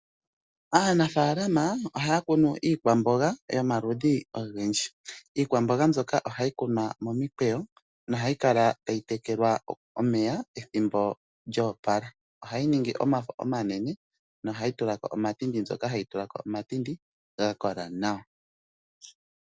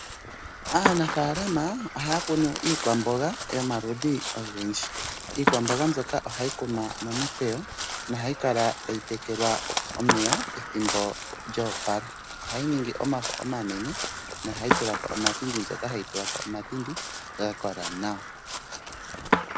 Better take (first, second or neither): first